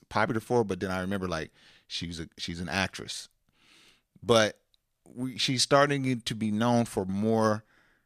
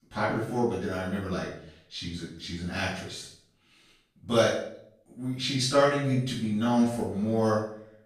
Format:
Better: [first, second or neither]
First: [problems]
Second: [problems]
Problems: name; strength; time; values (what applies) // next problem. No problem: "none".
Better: first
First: none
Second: off-mic speech; far // room echo; noticeable; dies away in 0.6 s